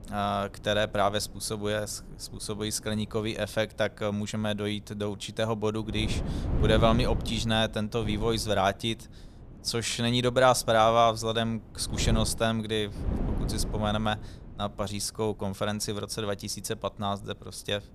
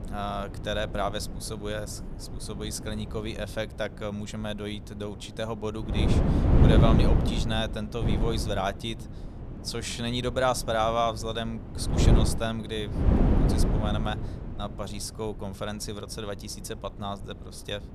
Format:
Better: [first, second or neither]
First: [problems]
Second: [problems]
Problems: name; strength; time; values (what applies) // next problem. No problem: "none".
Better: first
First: wind noise on the microphone; occasional gusts; 15 dB below the speech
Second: wind noise on the microphone; heavy; 4 dB below the speech